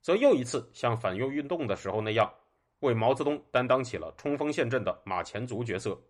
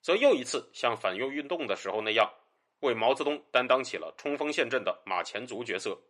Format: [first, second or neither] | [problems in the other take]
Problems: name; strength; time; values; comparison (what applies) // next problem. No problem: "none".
first | thin; very slightly; fading below 300 Hz